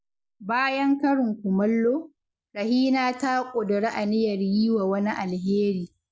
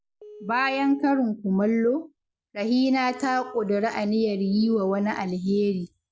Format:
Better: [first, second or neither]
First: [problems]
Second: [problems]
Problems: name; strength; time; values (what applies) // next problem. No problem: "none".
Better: first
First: none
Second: background sound (Telephone); 19 dB below the speech